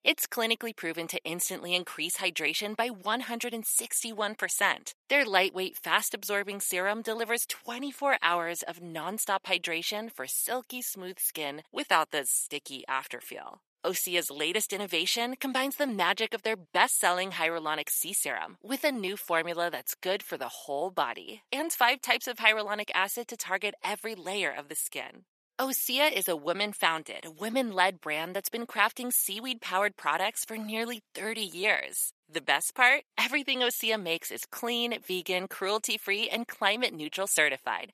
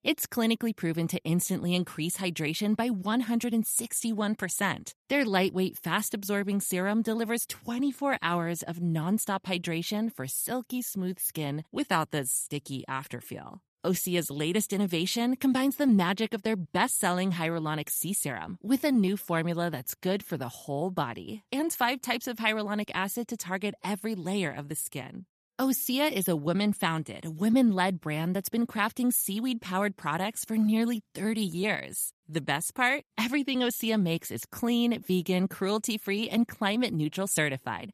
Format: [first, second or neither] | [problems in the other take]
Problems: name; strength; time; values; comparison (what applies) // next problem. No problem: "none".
second | thin; very; fading below 550 Hz